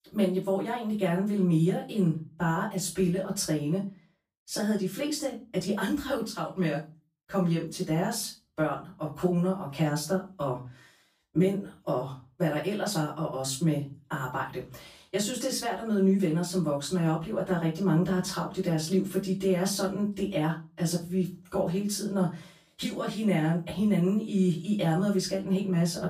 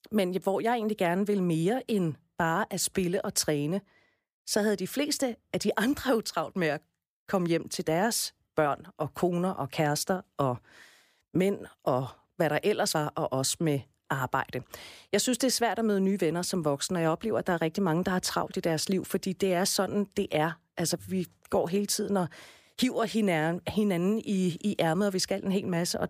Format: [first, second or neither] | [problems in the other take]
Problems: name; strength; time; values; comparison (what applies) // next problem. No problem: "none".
second | off-mic speech; far // room echo; slight; dies away in 0.3 s